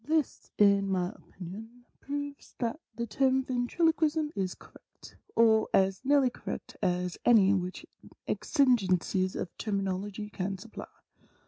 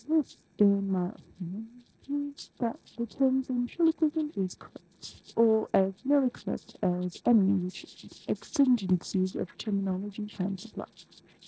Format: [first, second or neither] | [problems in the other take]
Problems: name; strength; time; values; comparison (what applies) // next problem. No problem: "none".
first | noise reduction (neural separator model SepFormer DNS4)